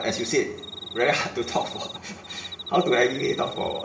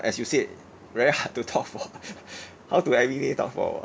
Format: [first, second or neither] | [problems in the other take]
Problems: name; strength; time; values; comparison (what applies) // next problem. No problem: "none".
second | background sound (Cricket); 13 dB below the speech // room echo; dies away in 0.8 s